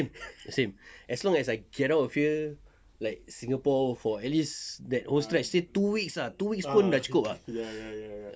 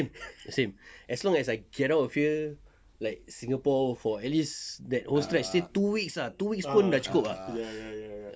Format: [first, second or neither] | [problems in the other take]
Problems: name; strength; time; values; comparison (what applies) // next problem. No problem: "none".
first | background sound (Burping, eructation); 12 dB below the speech